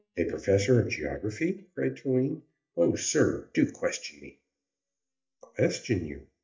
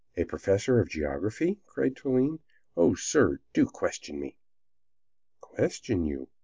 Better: second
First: noise reduction (neural mask model DeepFilterNet 3)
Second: none

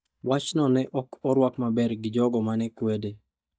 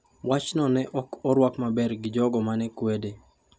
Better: second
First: noise reduction (neural mask model DeepFilterNet 3)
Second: none

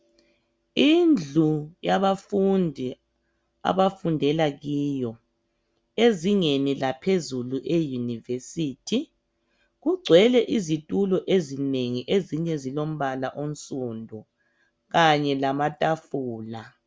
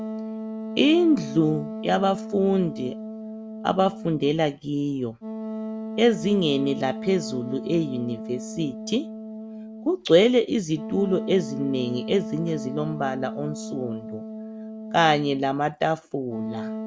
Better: first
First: none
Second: background sound (Wind instrument, woodwind instrument); 9 dB below the speech

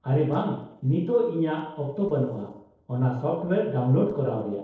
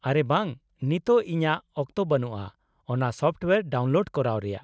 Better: second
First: noise reduction (neural separator model SepFormer DNS4)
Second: none

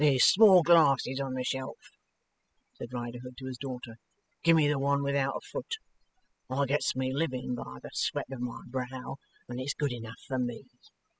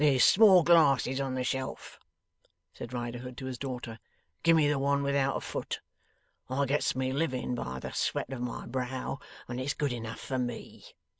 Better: second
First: noise reduction (classical method spectral subtraction)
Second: none

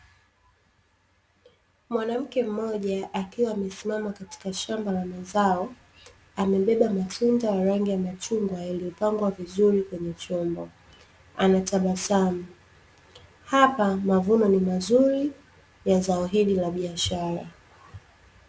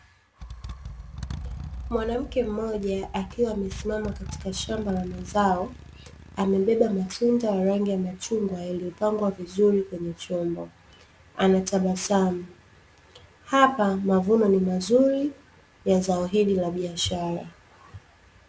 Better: first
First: none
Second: background sound (Motorcycle); 17 dB below the speech

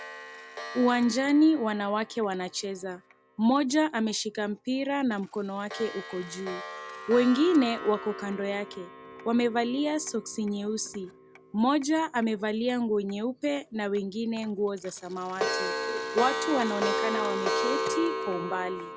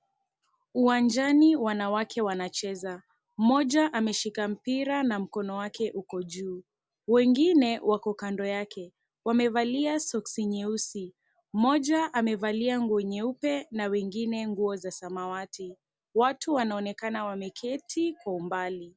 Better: second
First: background sound (Clock); 8 dB below the speech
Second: none

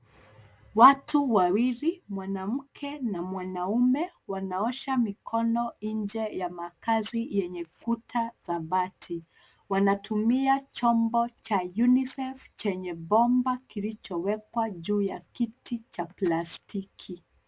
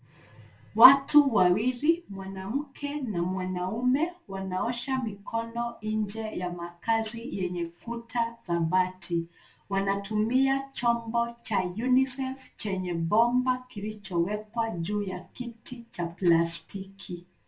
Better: first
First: none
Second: room echo; dies away in 0.2 s

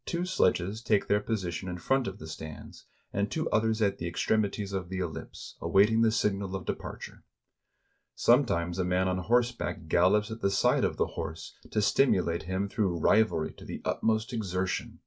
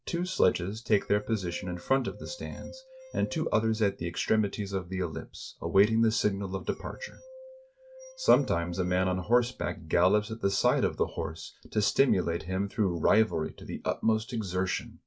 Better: first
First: none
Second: background sound (Glass); 19 dB below the speech

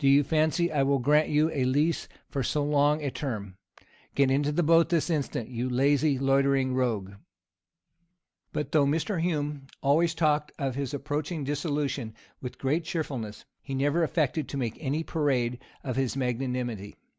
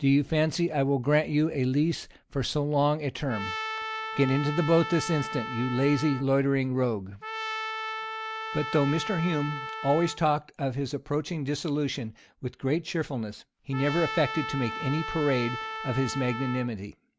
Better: first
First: none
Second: background sound (Trumpet); 8 dB below the speech

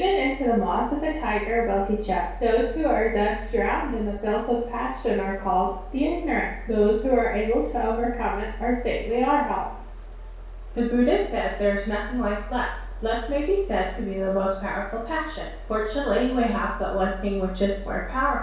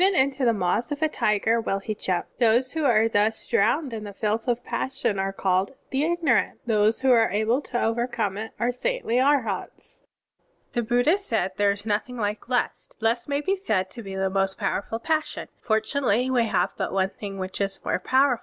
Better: second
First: background sound (Mechanisms); 10 dB below the speech // room echo; dies away in 0.6 s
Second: none

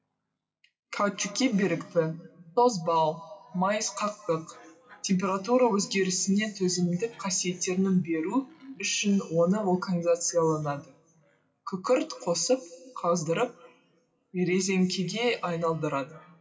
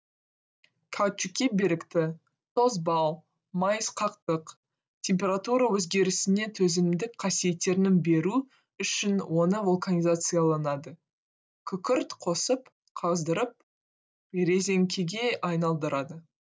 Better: second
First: noise reduction (classical method WPE with log-MMSE)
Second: none

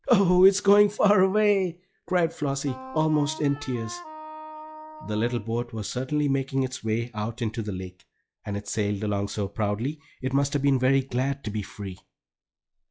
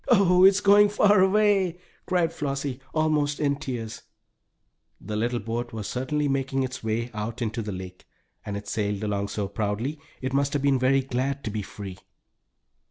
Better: second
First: noise reduction (classical method log-MMSE)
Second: none

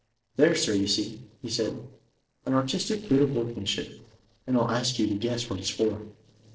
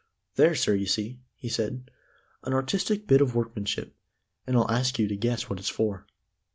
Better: second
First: noise reduction (neural separator model SepFormer DNS4)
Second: none

